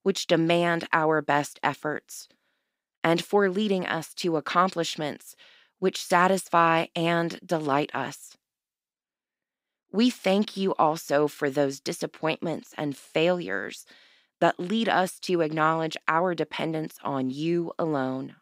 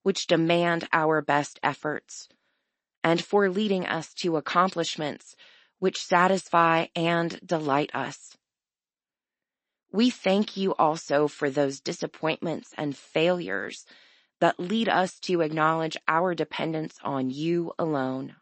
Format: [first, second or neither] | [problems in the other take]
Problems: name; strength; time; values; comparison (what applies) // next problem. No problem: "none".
first | garbled, watery; slightly; nothing above 8 kHz